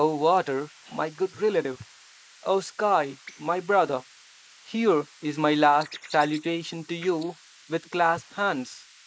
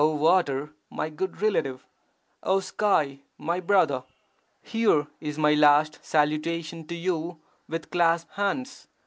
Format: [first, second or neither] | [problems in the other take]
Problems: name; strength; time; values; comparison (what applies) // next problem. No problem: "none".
second | noise reduction (neural mask model Resemble Enhance denoiser)